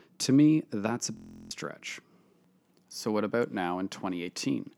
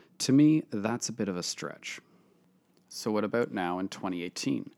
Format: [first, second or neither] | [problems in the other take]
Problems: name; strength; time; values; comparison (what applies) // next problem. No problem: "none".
second | audio freezing; at 1 s